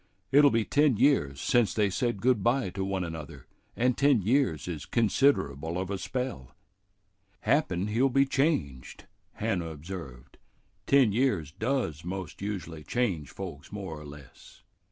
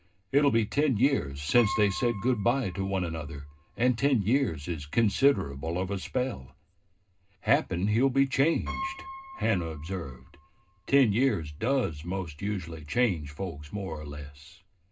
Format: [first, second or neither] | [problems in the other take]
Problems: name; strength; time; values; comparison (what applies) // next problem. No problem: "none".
first | background sound (Piano); 18 dB below the speech // room echo; dies away in 0.2 s